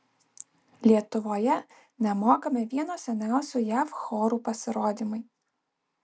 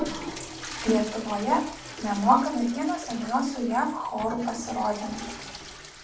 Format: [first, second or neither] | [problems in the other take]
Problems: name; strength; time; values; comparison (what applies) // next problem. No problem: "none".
first | background sound (Toilet flush / Water); 11 dB below the speech // room echo; dies away in 0.4 s